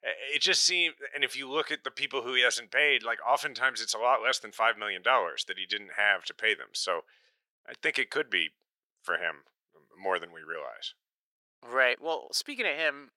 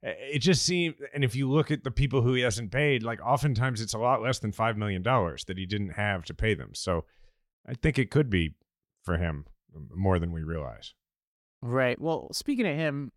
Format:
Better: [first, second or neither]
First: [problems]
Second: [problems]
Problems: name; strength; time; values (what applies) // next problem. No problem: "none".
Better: second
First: thin; very; fading below 500 Hz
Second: none